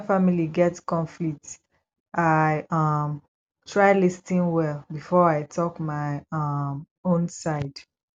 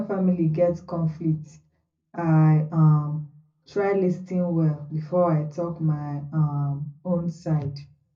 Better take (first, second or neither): first